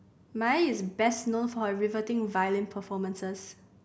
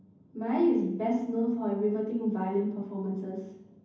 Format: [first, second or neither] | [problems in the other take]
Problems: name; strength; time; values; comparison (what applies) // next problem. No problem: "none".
first | room echo; dies away in 0.9 s